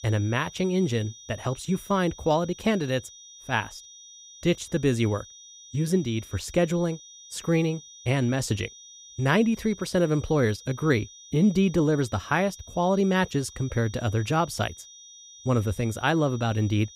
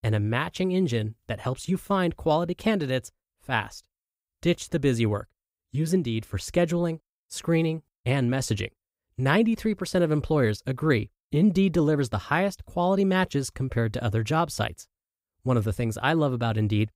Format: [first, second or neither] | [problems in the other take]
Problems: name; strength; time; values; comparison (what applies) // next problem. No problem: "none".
second | high-pitched whine; noticeable; throughout; 6 kHz, 20 dB below the speech